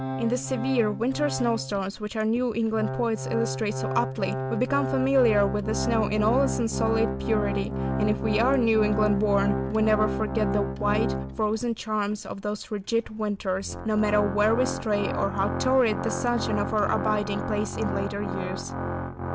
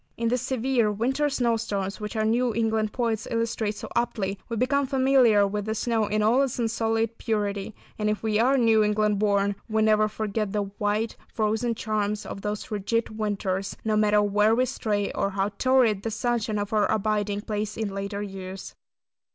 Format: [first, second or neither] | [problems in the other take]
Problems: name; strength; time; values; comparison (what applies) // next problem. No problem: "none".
second | background sound (Organ); 4 dB below the speech